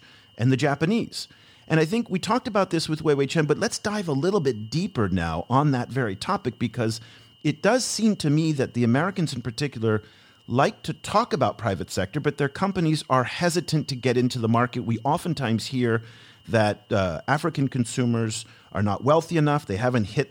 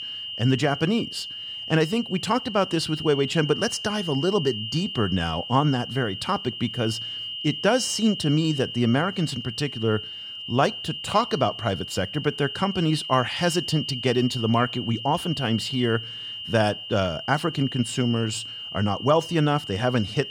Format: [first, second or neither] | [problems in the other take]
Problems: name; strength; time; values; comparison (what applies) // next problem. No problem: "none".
first | high-pitched whine; loud; throughout; 3 kHz, 8 dB below the speech; faint in the first